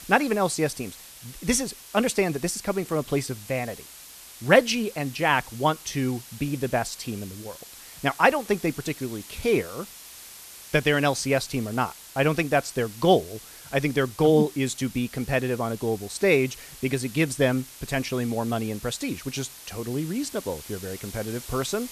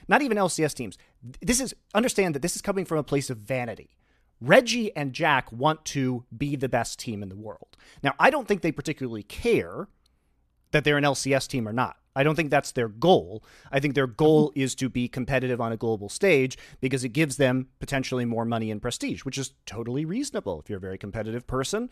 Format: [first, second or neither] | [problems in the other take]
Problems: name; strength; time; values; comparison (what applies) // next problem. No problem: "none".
second | hiss; noticeable; throughout; 15 dB below the speech